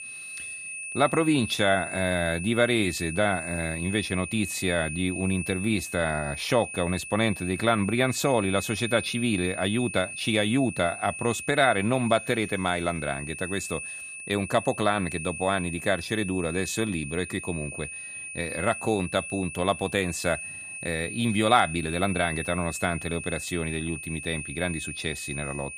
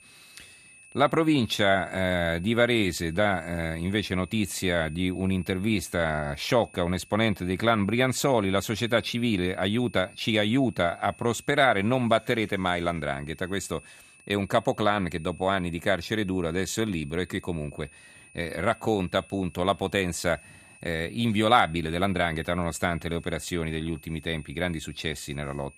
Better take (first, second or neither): second